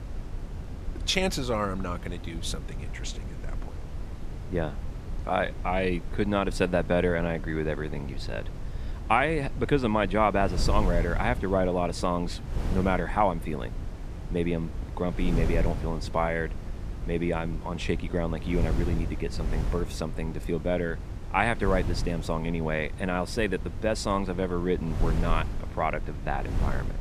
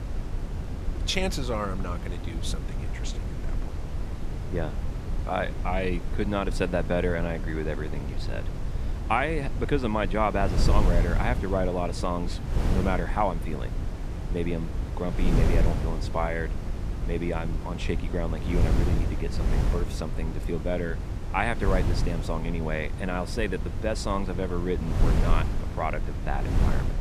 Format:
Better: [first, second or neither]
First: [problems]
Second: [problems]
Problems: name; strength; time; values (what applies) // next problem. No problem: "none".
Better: first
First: wind noise on the microphone; occasional gusts; 15 dB below the speech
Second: wind noise on the microphone; heavy; 9 dB below the speech